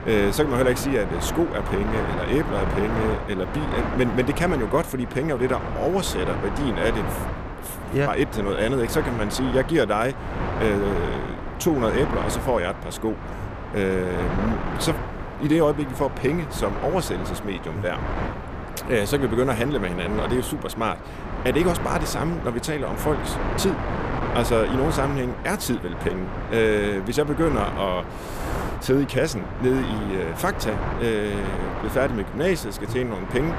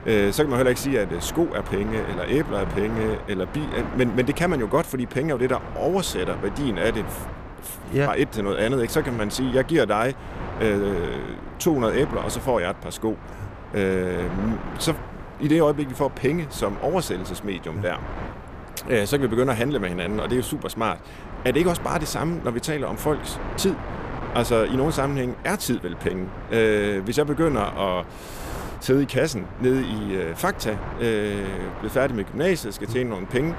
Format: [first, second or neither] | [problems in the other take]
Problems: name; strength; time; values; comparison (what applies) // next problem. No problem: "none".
second | wind noise on the microphone; heavy; 6 dB below the speech; occasional gusts in the second